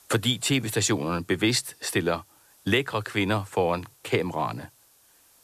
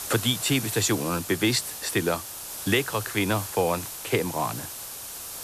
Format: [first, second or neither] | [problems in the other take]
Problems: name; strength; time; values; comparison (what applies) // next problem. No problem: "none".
first | hiss; loud; throughout; 8 dB below the speech; faint in the first